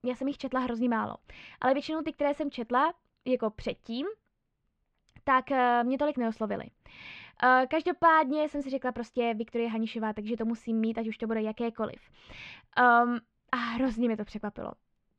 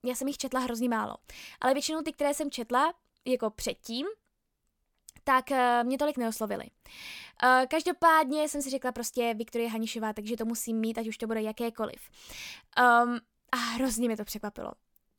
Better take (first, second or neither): second